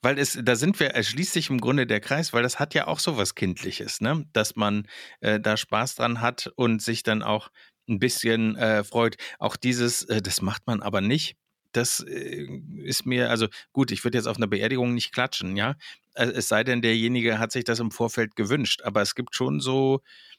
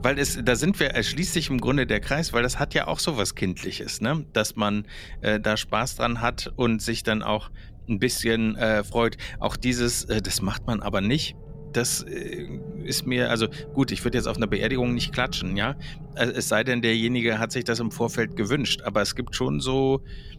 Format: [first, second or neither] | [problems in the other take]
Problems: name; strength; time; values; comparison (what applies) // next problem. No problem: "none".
first | low rumble; faint; throughout; 25 dB below the speech